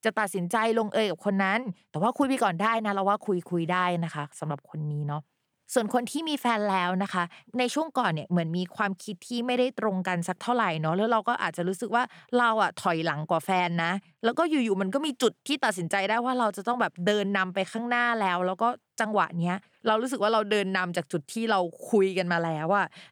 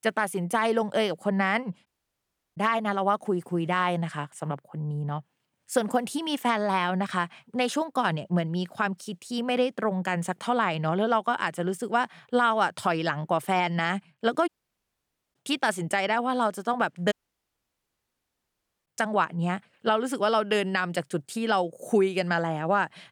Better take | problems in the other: first | audio cutting out; at 2 s for 0.5 s, at 14 s for 1 s and at 17 s for 2 s

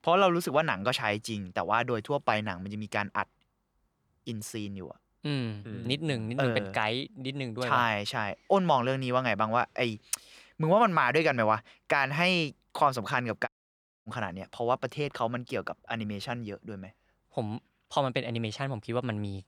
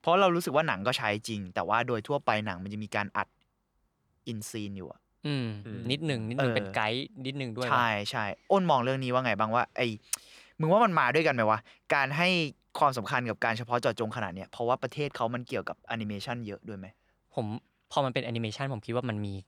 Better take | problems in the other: second | audio cutting out; at 13 s for 0.5 s

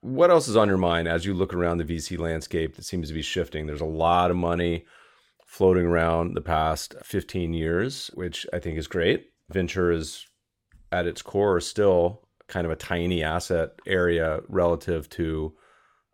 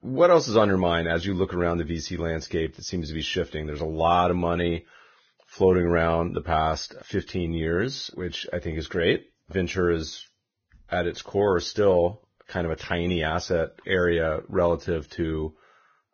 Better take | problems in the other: first | garbled, watery; badly; nothing above 6.5 kHz

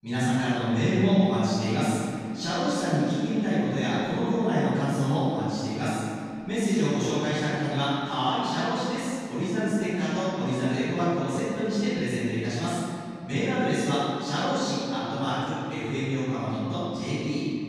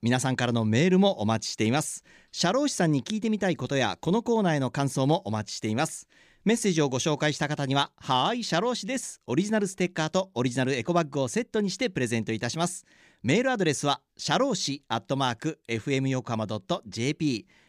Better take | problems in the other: second | off-mic speech; far // room echo; strong; dies away in 2.3 s

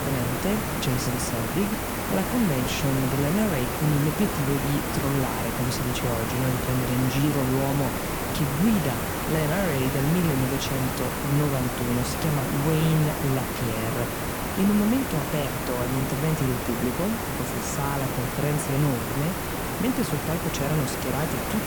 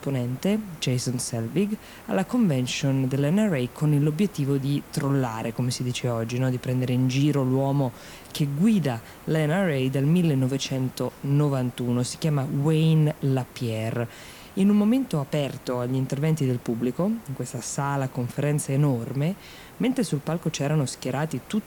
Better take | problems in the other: second | hiss; loud; throughout; 1 dB below the speech; faint in the second

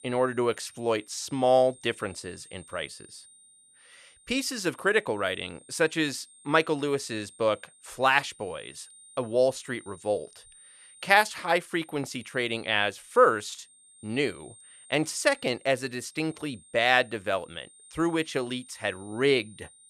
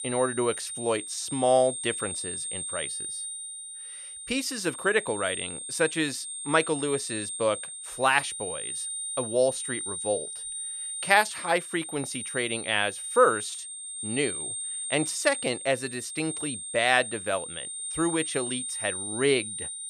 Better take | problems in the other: first | high-pitched whine; loud; throughout; 8.5 kHz, 5 dB below the speech; faint in the first

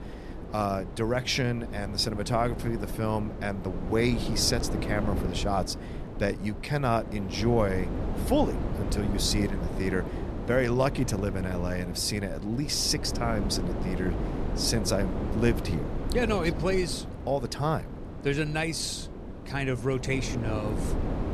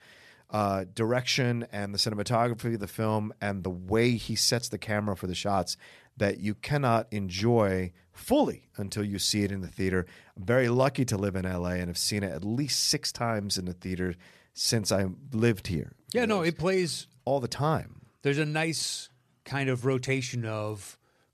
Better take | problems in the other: second | wind noise on the microphone; heavy; 9 dB below the speech

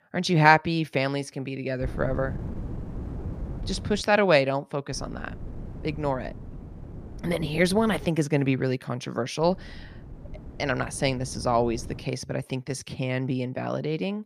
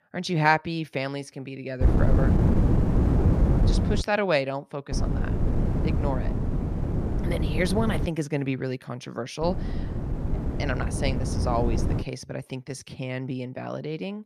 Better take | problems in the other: first | wind noise on the microphone; heavy; from 2 to 4 s, from 5 to 8 s and from 9.5 to 12 s; 5 dB below the speech; occasional gusts in the first

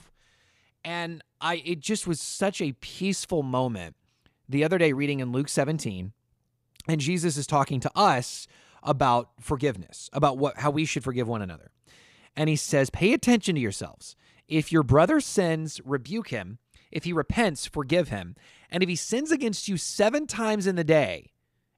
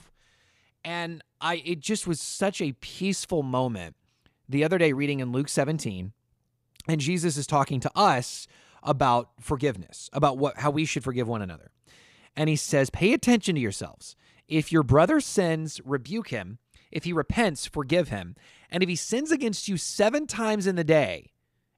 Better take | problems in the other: neither | none

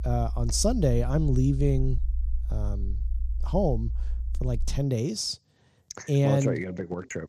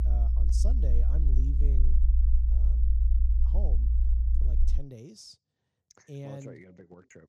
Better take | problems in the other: first | low rumble; loud; until 5 s; 1 dB below the speech; faint in the first

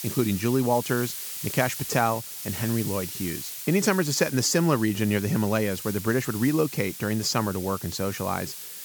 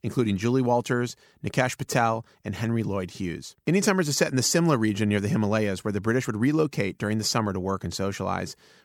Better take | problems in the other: second | hiss; loud; throughout; 9 dB below the speech

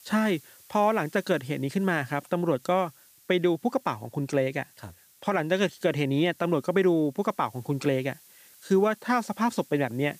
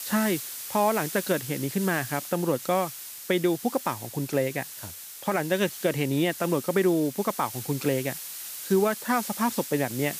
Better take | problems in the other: first | hiss; loud; throughout; 9 dB below the speech; faint in the first

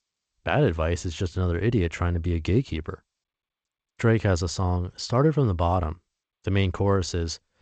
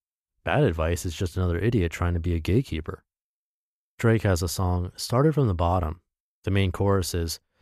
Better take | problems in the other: second | garbled, watery; slightly; nothing above 7.5 kHz

